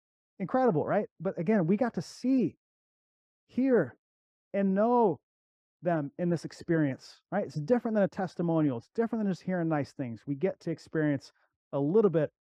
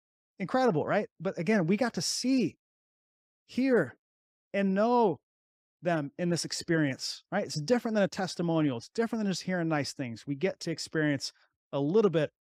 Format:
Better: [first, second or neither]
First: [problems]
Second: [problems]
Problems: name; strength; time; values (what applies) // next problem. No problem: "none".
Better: second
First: muffled; very; fading above 2 kHz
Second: none